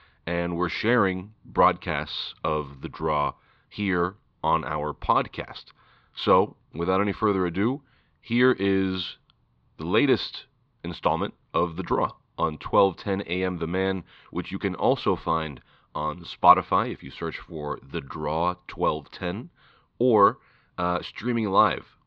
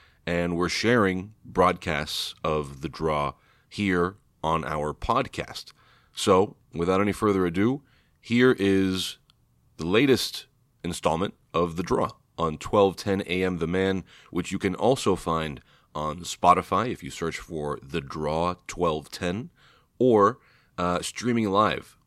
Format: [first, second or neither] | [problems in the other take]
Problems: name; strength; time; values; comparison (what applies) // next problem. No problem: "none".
second | muffled; slightly; fading above 4 kHz